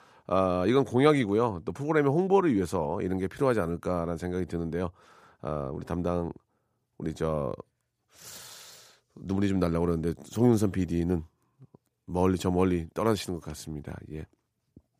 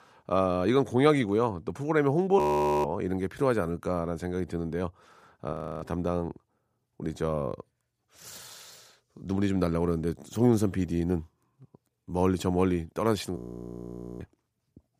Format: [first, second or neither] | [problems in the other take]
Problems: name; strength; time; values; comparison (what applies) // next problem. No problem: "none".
first | audio freezing; at 2.5 s, at 5.5 s and at 13 s for 1 s